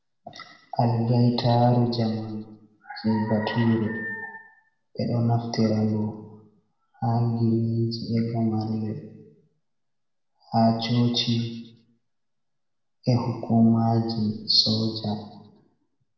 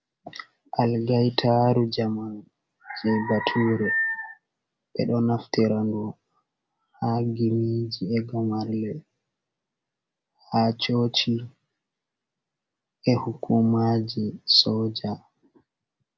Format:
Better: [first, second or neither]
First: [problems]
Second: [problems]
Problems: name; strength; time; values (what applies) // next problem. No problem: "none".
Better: second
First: room echo; dies away in 0.9 s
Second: none